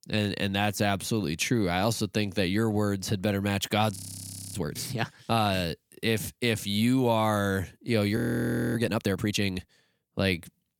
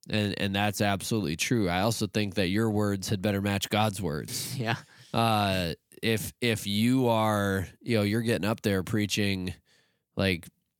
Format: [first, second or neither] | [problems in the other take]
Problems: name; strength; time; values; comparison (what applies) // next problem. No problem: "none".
second | audio freezing; at 4 s for 0.5 s and at 8 s for 0.5 s